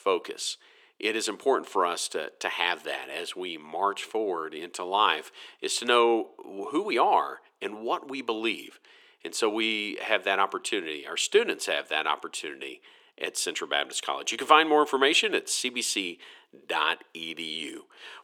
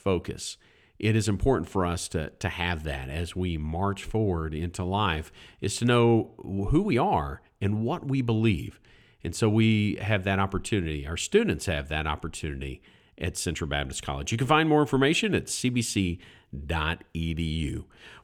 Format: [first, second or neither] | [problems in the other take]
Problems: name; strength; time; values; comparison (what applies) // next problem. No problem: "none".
second | thin; very; fading below 350 Hz